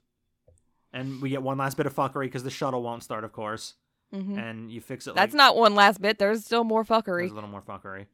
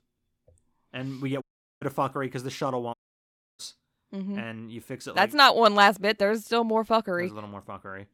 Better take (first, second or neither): first